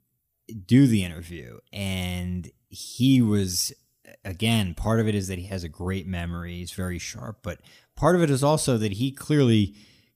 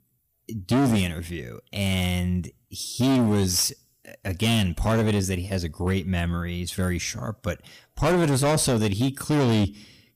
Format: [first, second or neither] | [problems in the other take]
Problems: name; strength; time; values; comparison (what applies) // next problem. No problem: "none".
first | distortion; heavy; 12% of the sound clipped